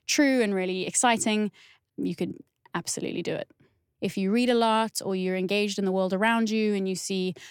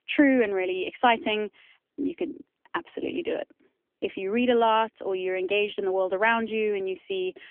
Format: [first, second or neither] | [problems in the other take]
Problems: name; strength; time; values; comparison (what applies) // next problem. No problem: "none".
first | phone-call audio; nothing above 3 kHz